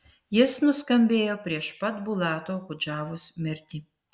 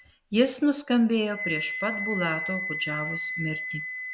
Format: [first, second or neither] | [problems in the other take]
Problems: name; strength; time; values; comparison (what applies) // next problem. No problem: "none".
first | background sound (Wind instrument, woodwind instrument); 6 dB below the speech